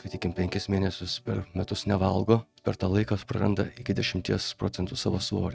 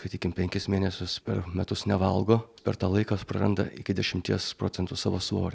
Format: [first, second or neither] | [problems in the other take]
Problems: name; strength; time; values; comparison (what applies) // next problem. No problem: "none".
second | noise reduction (neural mask model RNNoise)